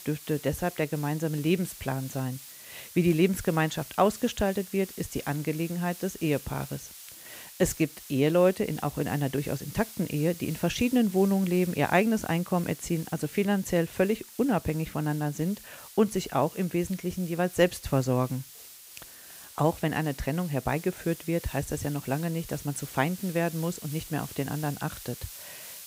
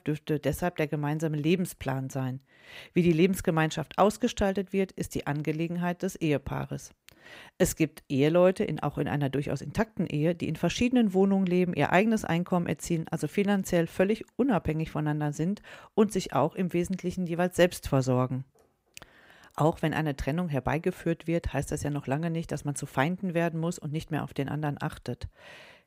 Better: second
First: hiss; noticeable; throughout; 15 dB below the speech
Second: none

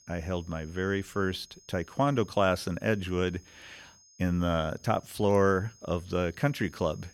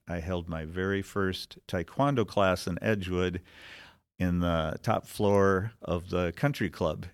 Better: second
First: high-pitched whine; faint; throughout; 6.5 kHz, 25 dB below the speech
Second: none

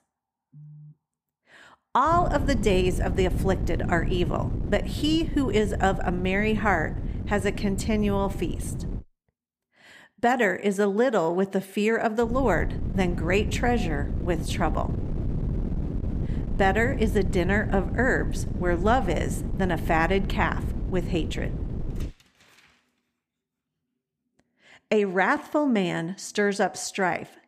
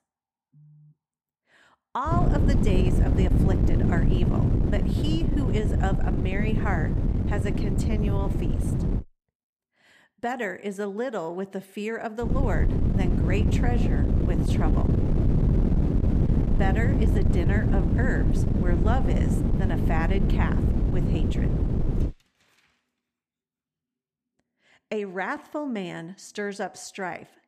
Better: first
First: wind noise on the microphone; occasional gusts; from 2 to 9 s and from 12 to 22 s; 15 dB below the speech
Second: wind noise on the microphone; heavy; from 2 to 9 s and from 12 to 22 s; 1 dB below the speech

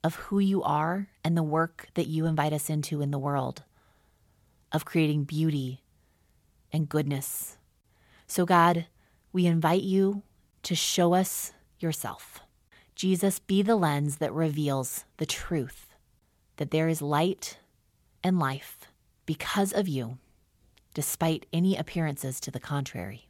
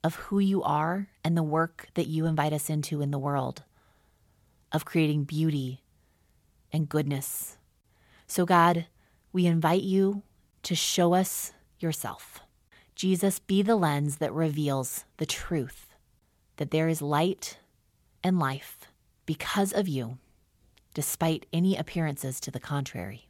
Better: neither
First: none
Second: none

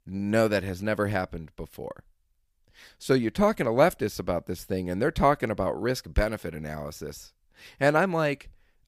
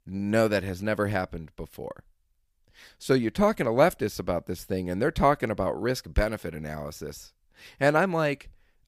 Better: neither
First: none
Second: none

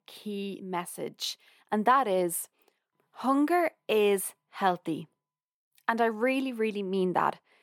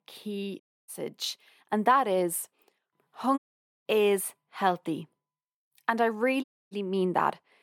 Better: first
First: none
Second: audio cutting out; at 0.5 s, at 3.5 s and at 6.5 s

